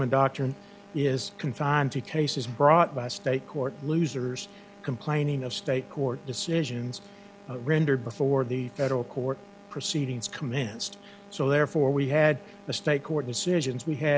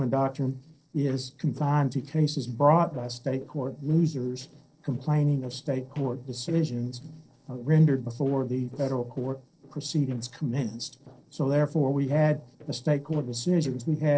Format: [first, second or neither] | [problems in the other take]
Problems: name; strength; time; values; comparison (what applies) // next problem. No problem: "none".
first | noise reduction (neural separator model SepFormer DNS4)